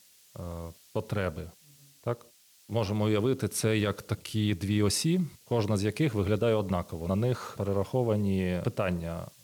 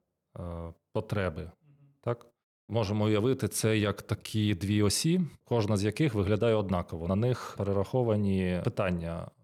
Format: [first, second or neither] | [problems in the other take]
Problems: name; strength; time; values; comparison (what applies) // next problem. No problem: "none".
second | hiss; faint; throughout; 25 dB below the speech